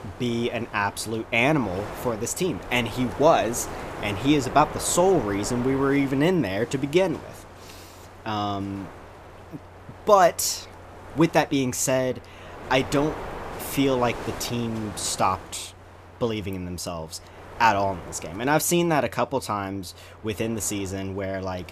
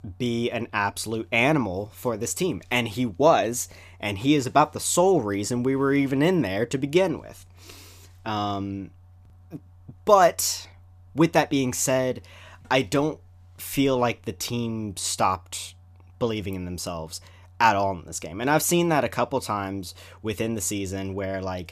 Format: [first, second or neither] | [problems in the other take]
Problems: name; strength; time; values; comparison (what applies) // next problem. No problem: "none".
second | wind noise on the microphone; occasional gusts; 15 dB below the speech